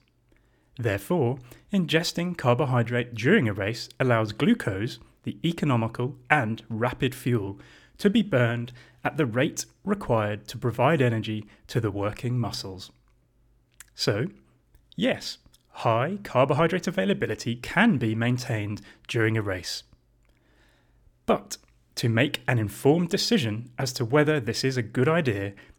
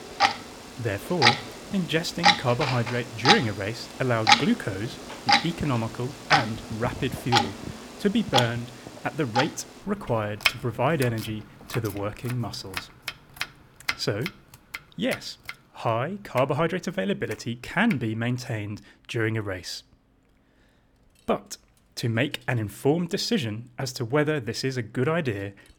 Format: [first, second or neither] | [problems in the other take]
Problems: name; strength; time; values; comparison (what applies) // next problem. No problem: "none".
first | household noises; very loud; throughout; 2 dB above the speech